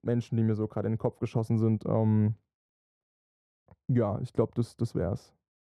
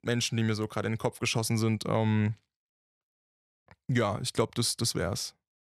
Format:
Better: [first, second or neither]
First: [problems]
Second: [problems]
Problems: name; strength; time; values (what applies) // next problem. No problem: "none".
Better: second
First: muffled; very; fading above 1.5 kHz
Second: none